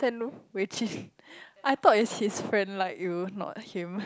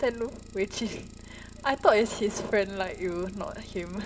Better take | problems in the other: first | background sound (Idling); 16 dB below the speech // room echo; dies away in 1.2 s

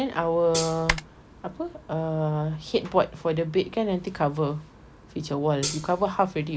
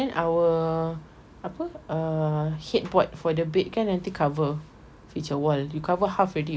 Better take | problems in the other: second | background sound (Hi-hat + Typing); 6 dB below the speech

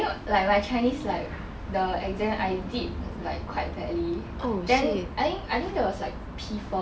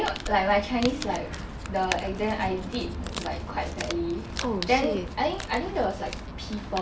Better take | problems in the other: first | background sound (Crumpling, crinkling); 12 dB below the speech

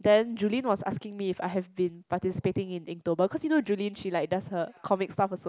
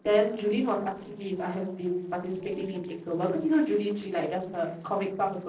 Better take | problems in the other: first | noise reduction (neural separator model SepFormer DNS4)

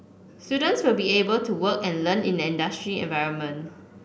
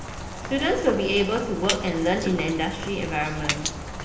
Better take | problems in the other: first | background sound (Rain); 7 dB below the speech // room echo; dies away in 1.1 s

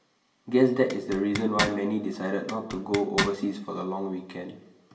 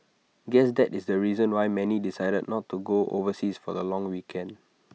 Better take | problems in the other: second | background sound (Zipper (clothing)); 6 dB below the speech // room echo; dies away in 0.7 s

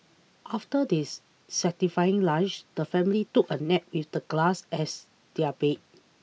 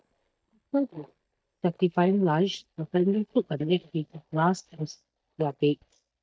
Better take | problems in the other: first | noise reduction (neural mask model DeepFilterNet 3)

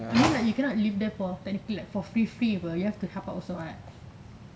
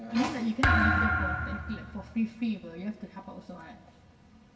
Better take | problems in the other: first | background sound (Thump, thud); 4 dB above the speech // room echo; dies away in 1.5 s

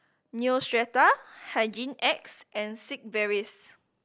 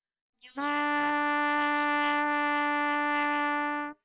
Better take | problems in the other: first | noise reduction (neural separator model SepFormer WHAMR!)

